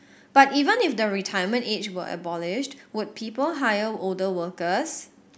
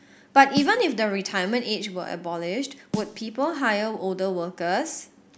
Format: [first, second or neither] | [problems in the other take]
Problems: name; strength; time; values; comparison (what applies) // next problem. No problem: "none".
first | background sound (Snare drum); 13 dB below the speech